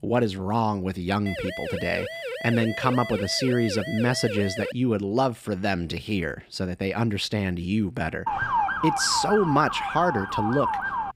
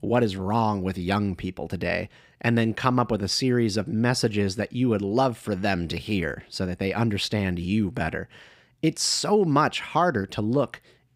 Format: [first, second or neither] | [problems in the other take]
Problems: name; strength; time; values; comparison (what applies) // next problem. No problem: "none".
second | siren; noticeable; from 1.5 to 4.5 s; peak 6 dB below the speech // siren; loud; from 8.5 s on; peak 2 dB above the speech